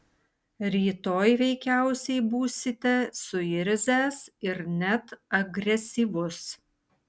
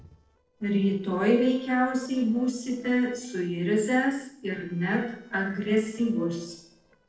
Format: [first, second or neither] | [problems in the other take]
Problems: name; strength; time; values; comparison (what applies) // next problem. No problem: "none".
first | noise reduction (neural separator model SepFormer DNS4)